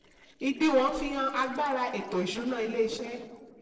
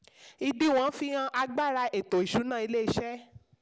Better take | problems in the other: second | noise reduction (neural separator model SepFormer DNS4)

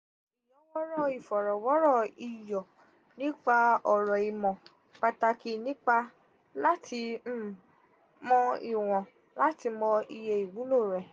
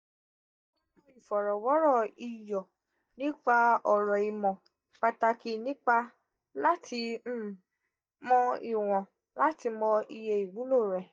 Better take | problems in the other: first | noise reduction (neural mask model DeepFilterNet 3)

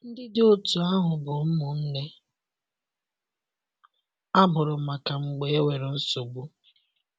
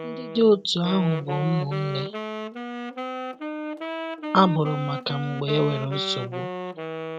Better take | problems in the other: first | background sound (Wind instrument, woodwind instrument); 7 dB below the speech

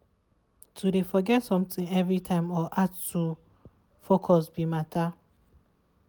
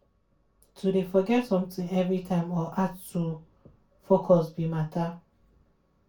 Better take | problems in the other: first | room echo; dies away in 0.2 s

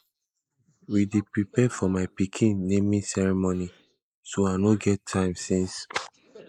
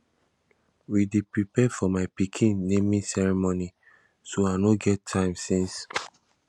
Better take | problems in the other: second | noise reduction (neural mask model Resemble Enhance denoiser)

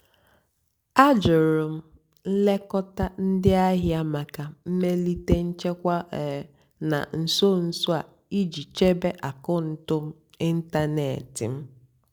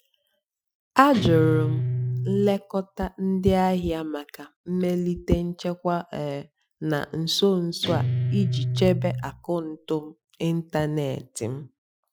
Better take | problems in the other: first | noise reduction (classical method Wiener filter)

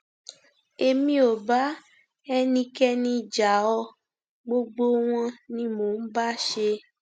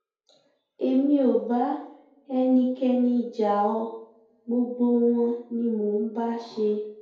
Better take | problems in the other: first | room echo; dies away in 2.3 s

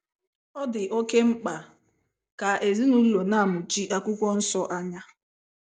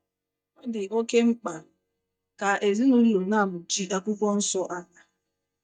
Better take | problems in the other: first | noise reduction (neural mask model DeepFilterNet 3)

